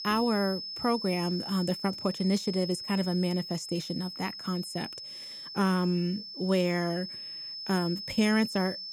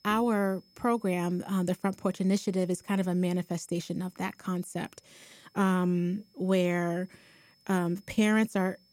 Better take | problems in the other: second | high-pitched whine; loud; throughout; 5.5 kHz, 8 dB below the speech; faint in the second

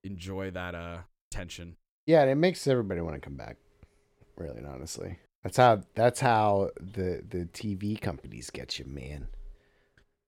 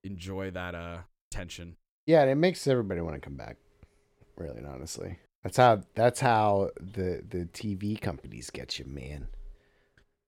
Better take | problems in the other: neither | none

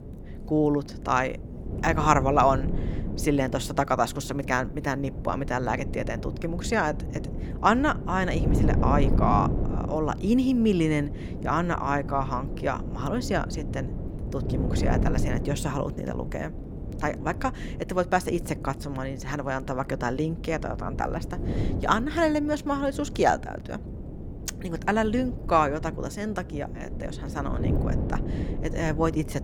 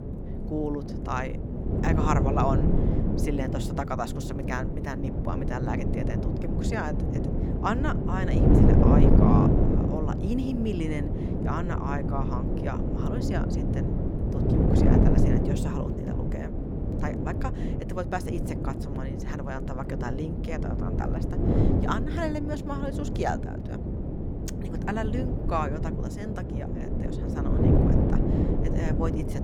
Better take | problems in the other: first | wind noise on the microphone; heavy; as loud as the speech; occasional gusts in the first

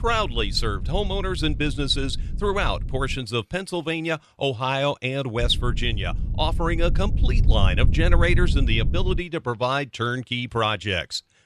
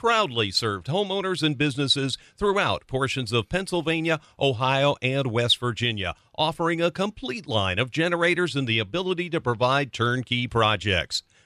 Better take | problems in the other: second | low rumble; noticeable; until 3 s and from 5.5 to 9 s; 15 dB below the speech

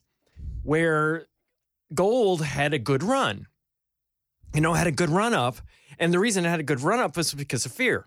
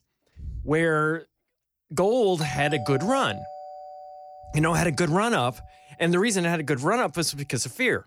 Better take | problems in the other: first | doorbell; faint; from 2.5 to 5 s; peak 10 dB below the speech

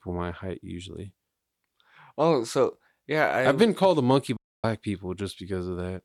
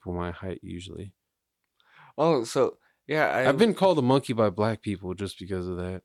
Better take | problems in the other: second | audio cutting out; at 4.5 s

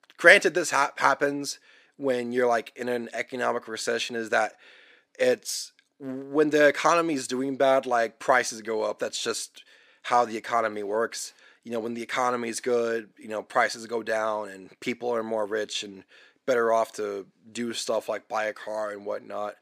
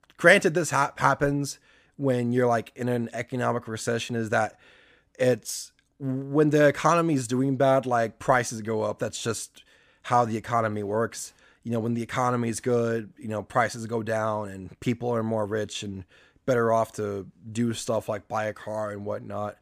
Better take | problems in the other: second | thin; somewhat; fading below 350 Hz

